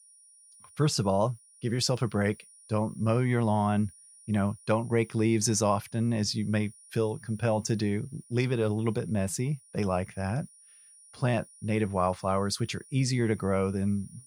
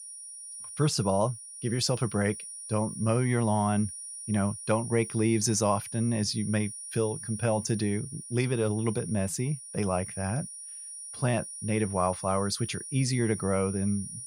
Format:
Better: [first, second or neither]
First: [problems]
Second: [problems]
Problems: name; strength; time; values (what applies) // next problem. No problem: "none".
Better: first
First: high-pitched whine; faint; throughout; 9.5 kHz, 25 dB below the speech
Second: high-pitched whine; loud; throughout; 9.5 kHz, 10 dB below the speech